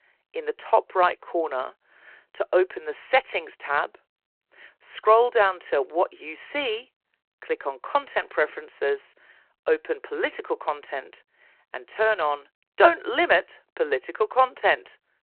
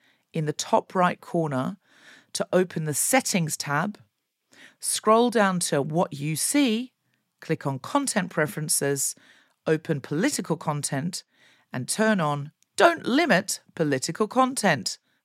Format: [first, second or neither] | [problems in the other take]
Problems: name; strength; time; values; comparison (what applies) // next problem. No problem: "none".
second | phone-call audio; nothing above 4 kHz